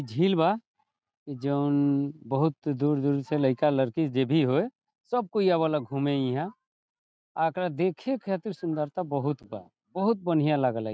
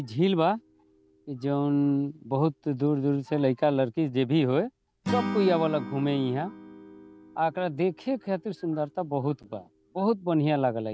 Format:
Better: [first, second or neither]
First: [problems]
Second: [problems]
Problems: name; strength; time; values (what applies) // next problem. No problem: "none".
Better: first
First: none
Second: background sound (Acoustic guitar / Strum); 13 dB below the speech